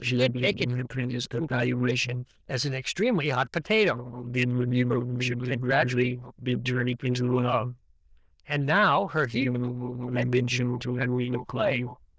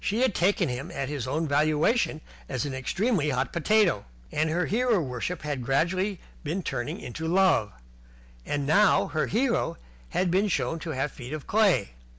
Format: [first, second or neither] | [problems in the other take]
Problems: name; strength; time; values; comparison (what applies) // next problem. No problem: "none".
second | noise reduction (neural diffusion model UNIVERSE++)